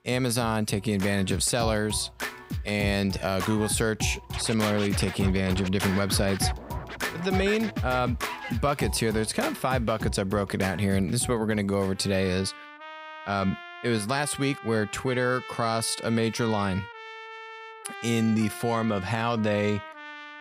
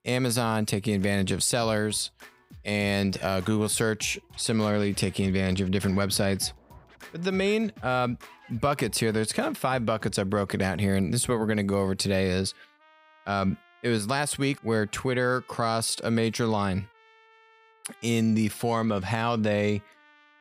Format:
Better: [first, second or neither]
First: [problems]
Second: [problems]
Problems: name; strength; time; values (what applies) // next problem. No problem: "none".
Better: second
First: background music; loud; throughout; 9 dB below the speech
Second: background music; faint; throughout; 25 dB below the speech